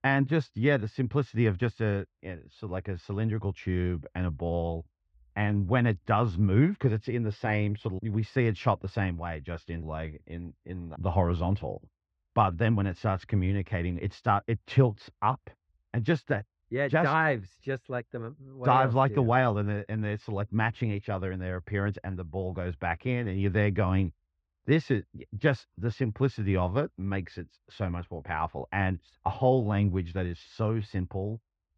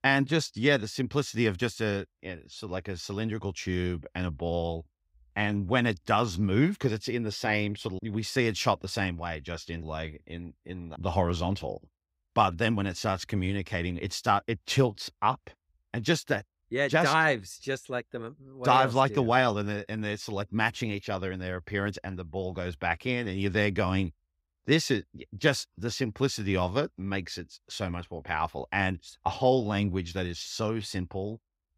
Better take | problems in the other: second | muffled; very; fading above 2 kHz

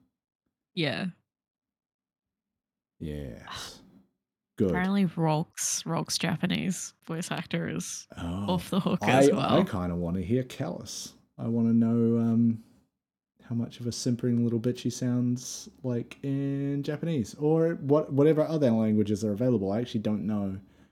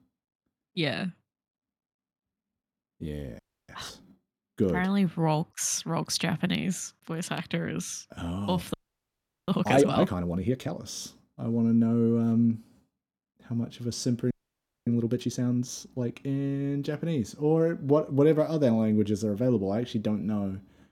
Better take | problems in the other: first | audio freezing; at 3.5 s, at 8.5 s for 0.5 s and at 14 s for 0.5 s

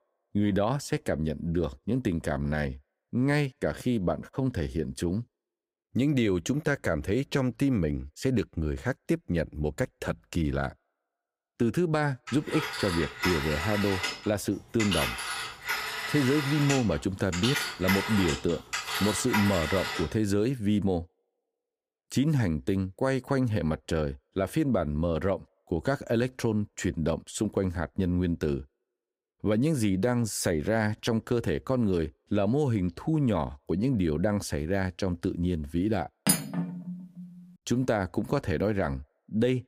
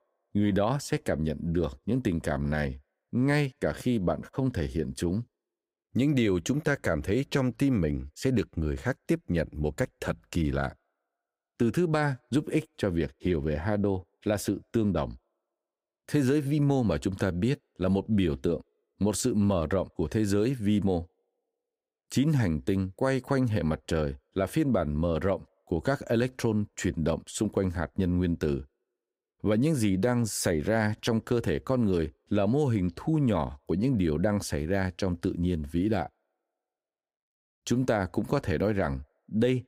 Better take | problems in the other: second | phone ringing; loud; from 12 to 20 s; peak level with the speech // clattering dishes; loud; at 36 s; peak 3 dB above the speech

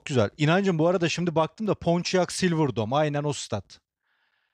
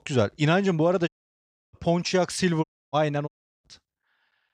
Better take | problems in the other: first | audio cutting out; at 1 s for 0.5 s, at 2.5 s and at 3.5 s

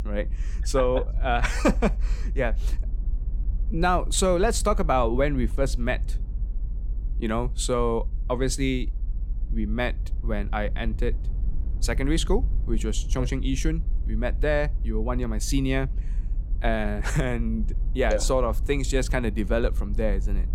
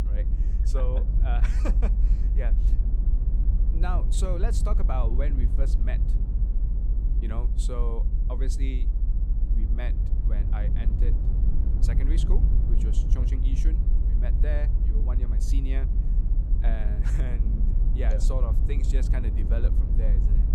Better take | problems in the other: first | low rumble; loud; throughout; 5 dB below the speech; faint in the first

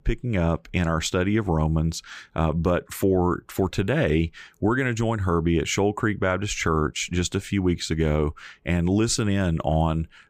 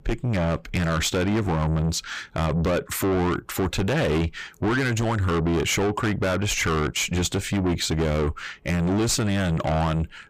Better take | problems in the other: first | distortion; heavy; 6 dB below the speech

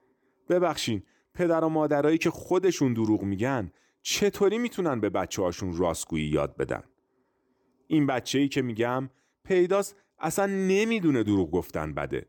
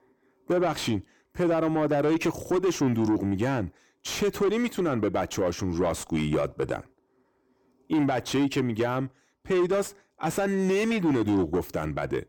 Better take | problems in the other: first | distortion; slight; 10 dB below the speech

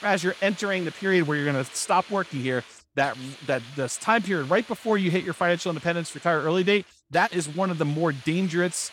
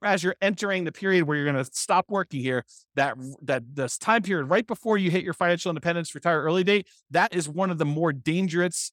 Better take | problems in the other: second | hiss; noticeable; throughout; 20 dB below the speech

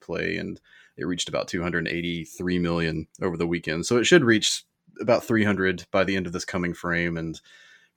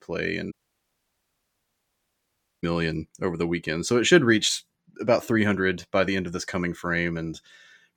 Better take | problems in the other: first | audio cutting out; at 0.5 s for 2 s

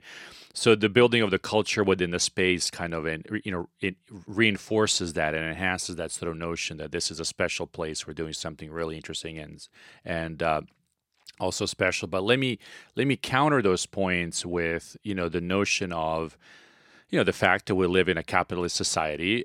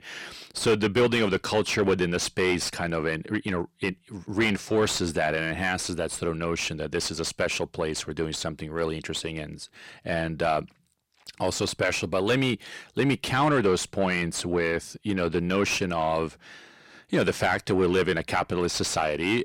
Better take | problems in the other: first | distortion; heavy; 8 dB below the speech

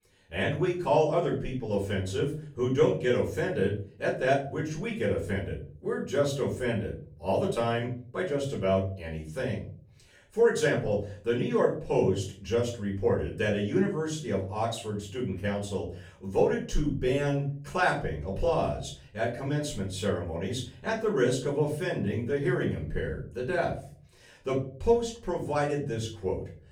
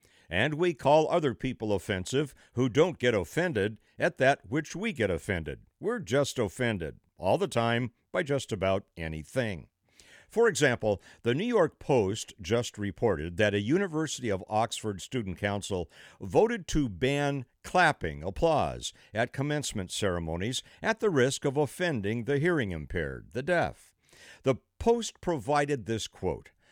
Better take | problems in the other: second | room echo; slight; dies away in 0.5 s // off-mic speech; far

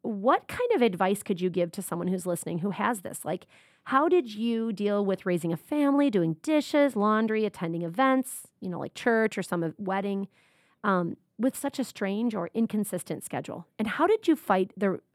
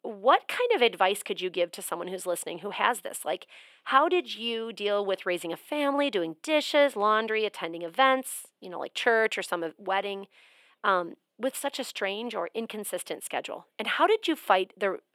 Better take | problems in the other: first | thin; somewhat; fading below 550 Hz

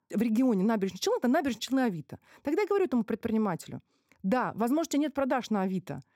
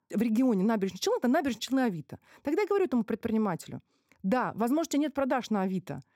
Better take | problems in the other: neither | none

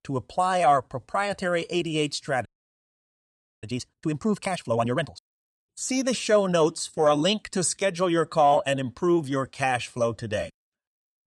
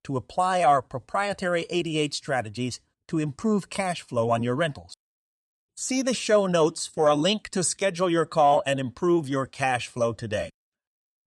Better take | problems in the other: second | audio freezing; at 2.5 s for 1 s

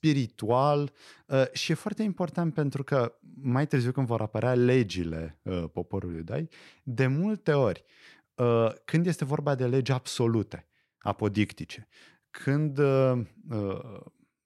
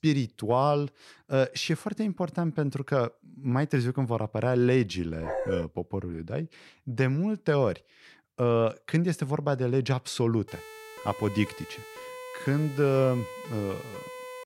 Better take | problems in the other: first | dog barking; noticeable; at 5 s; peak 3 dB below the speech // siren; faint; from 10 s on; peak 10 dB below the speech

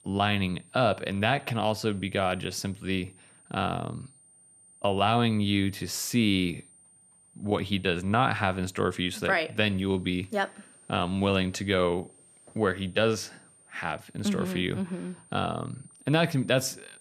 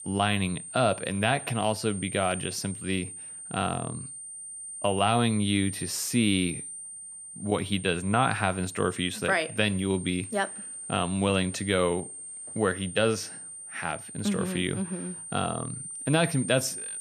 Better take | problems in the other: first | high-pitched whine; loud; throughout; 9 kHz, 9 dB below the speech; faint in the first

